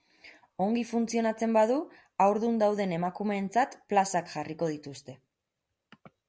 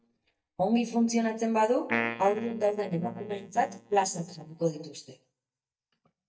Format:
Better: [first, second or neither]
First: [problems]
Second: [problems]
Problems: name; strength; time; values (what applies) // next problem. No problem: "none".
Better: first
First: none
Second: noise reduction (neural mask model DeepFilterNet 3)